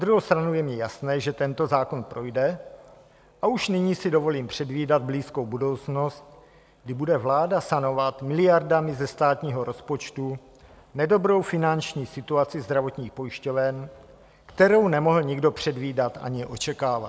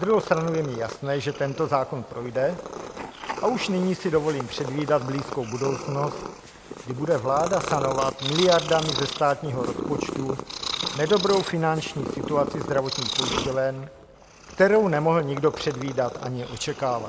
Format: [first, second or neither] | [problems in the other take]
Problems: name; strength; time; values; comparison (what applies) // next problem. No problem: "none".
first | background sound (Purr); 8 dB below the speech